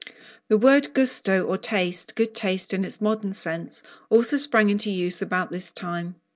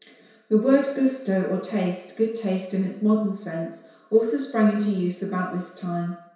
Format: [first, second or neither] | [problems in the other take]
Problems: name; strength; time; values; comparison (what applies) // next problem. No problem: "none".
first | room echo; dies away in 0.7 s